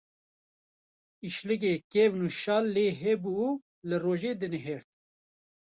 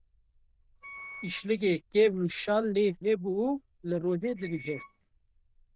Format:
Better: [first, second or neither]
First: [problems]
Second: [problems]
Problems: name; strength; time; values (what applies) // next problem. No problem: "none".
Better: first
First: none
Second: noise reduction (neural diffusion model UNIVERSE++)